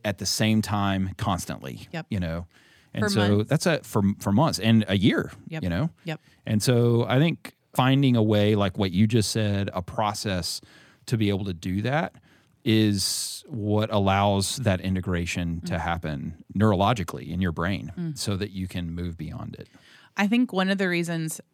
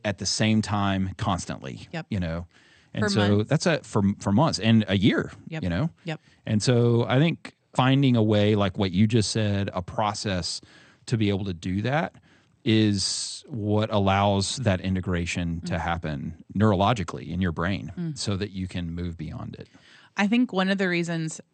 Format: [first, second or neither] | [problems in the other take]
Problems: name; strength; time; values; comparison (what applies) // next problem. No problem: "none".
first | garbled, watery; slightly; nothing above 8.5 kHz